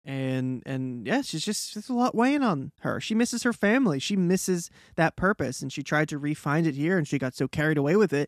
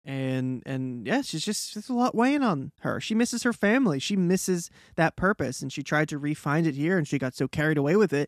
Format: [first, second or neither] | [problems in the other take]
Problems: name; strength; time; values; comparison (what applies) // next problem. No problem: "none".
neither | none